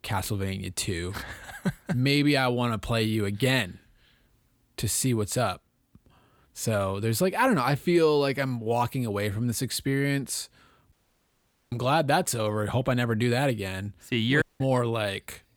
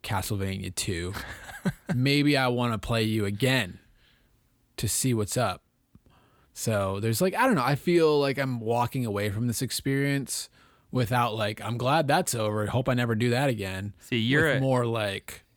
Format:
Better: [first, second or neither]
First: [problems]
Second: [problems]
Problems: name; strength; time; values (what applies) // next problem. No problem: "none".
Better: second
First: audio cutting out; at 11 s for 1 s and at 14 s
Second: none